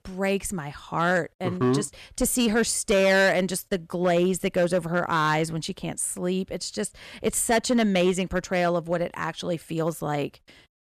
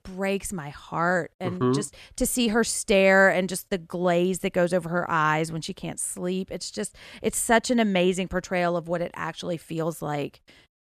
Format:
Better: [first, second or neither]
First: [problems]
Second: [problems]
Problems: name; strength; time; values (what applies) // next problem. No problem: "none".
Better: second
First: distortion; slight; 4% of the sound clipped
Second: none